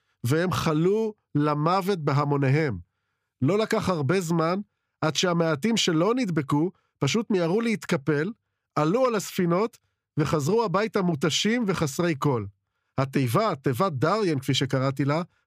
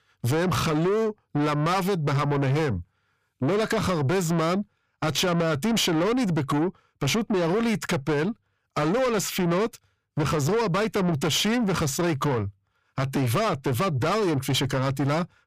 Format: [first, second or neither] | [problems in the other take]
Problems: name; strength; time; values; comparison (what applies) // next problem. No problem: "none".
first | distortion; heavy; 7 dB below the speech